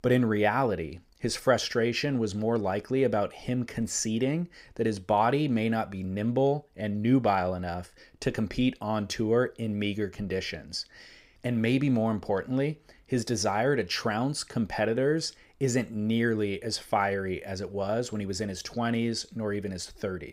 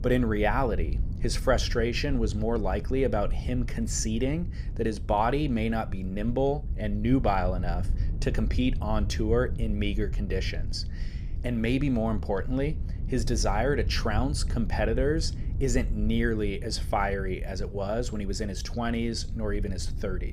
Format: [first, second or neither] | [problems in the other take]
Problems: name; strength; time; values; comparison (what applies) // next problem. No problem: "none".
first | low rumble; noticeable; throughout; 20 dB below the speech